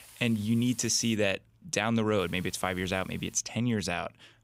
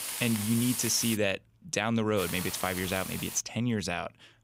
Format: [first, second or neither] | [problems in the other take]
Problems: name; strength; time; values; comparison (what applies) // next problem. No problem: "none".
first | hiss; loud; until 1 s and from 2 to 3.5 s; 5 dB below the speech; faint in the first